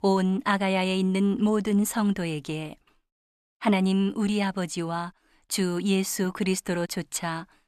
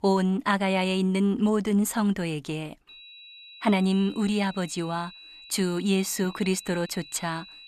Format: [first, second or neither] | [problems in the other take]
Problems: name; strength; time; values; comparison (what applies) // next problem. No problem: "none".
first | high-pitched whine; noticeable; from 3 s on; 4 kHz, 20 dB below the speech